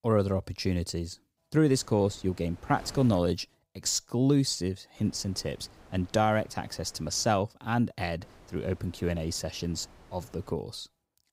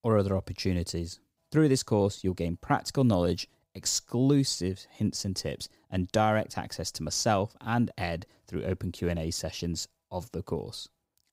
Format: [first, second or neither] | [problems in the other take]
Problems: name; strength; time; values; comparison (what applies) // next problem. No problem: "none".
second | wind noise on the microphone; occasional gusts; from 1.5 to 3 s, from 5 to 7.5 s and from 8 to 11 s; 25 dB below the speech